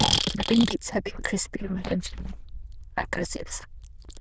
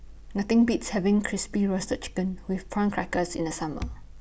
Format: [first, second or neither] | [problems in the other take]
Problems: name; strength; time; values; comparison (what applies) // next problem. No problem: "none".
second | noise reduction (neural diffusion model UNIVERSE++)